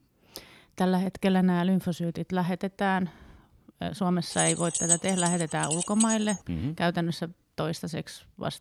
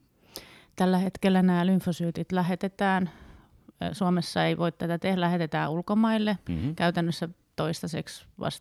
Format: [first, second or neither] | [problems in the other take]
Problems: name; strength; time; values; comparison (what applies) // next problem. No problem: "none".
second | jangling keys; loud; from 4.5 to 6.5 s; peak 4 dB above the speech